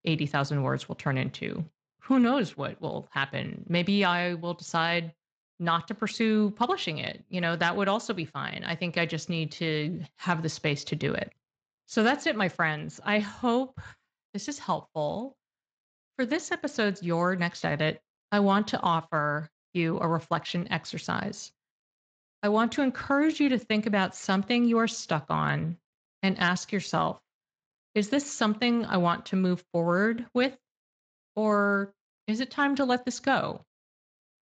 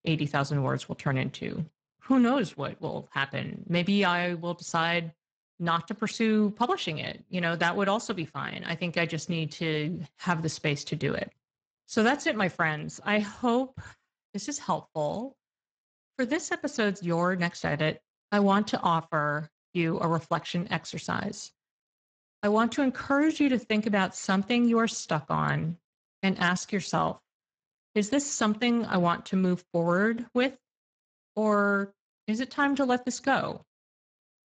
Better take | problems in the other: first | garbled, watery; badly; nothing above 7.5 kHz; slightly in the first

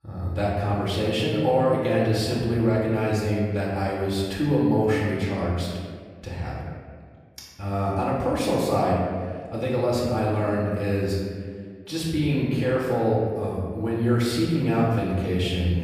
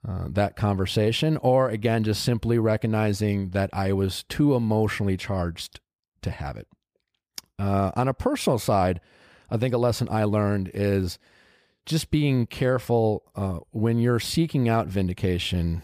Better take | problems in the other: second | off-mic speech; far // room echo; noticeable; dies away in 1.6 s

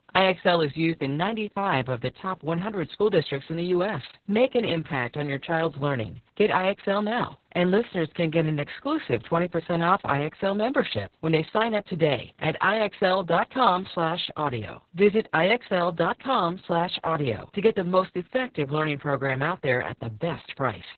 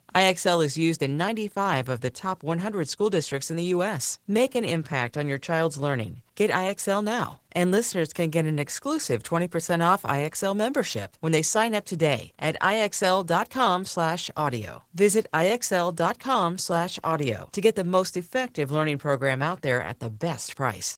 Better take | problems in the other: second | garbled, watery; badly; nothing above 4 kHz; slightly in the second

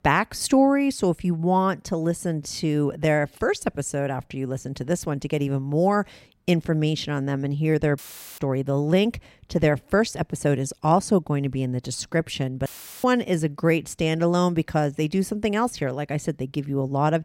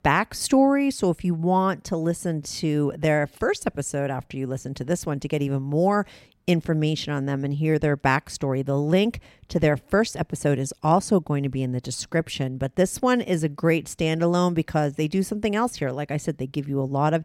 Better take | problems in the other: second | audio cutting out; filled with static; at 8 s and at 13 s

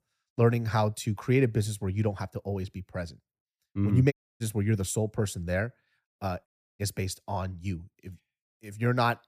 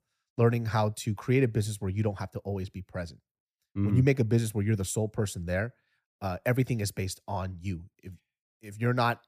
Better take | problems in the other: second | audio cutting out; at 4 s and at 6.5 s

